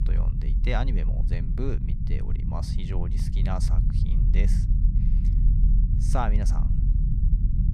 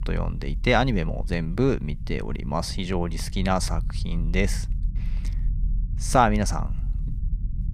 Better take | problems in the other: second | low rumble; loud; throughout; 6 dB below the speech; faint in the second

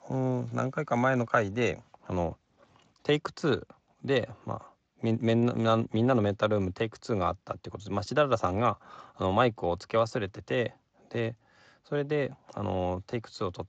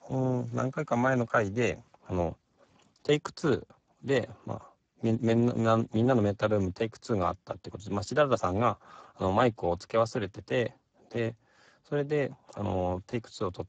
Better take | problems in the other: first | garbled, watery; badly; nothing above 7.5 kHz; slightly in the first

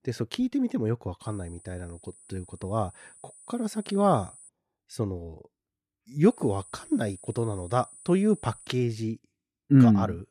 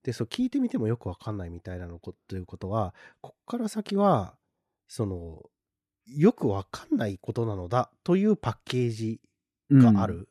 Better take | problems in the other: second | high-pitched whine; faint; from 1 to 4.5 s and from 6 to 8.5 s; 9.5 kHz, 20 dB below the speech

